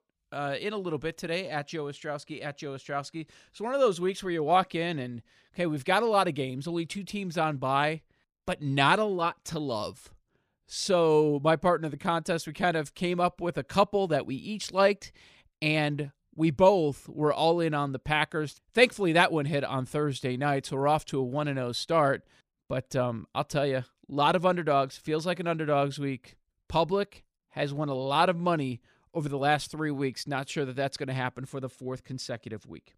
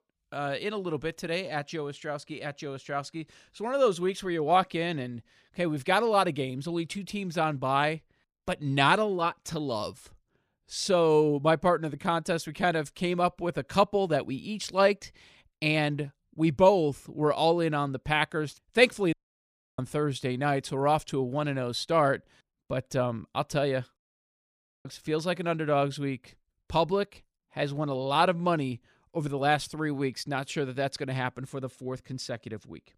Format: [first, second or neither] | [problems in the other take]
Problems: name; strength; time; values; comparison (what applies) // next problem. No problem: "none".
first | audio cutting out; at 19 s for 0.5 s and at 24 s for 1 s